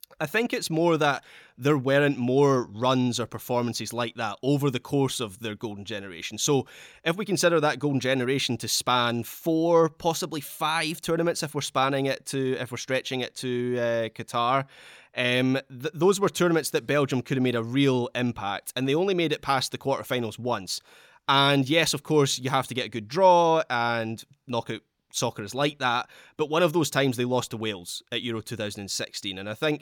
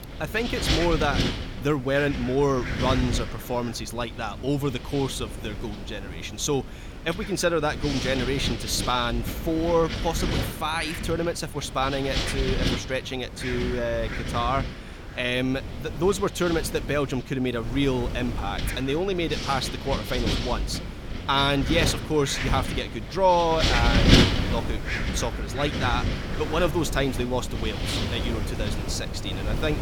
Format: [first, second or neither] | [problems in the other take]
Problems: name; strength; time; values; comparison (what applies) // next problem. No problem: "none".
first | wind noise on the microphone; heavy; 4 dB below the speech